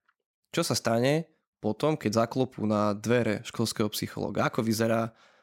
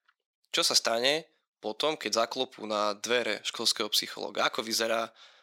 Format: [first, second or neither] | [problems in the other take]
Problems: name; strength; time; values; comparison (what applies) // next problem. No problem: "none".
first | thin; somewhat; fading below 450 Hz